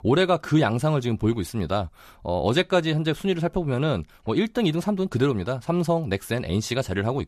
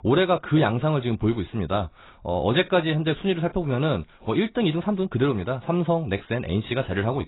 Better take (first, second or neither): first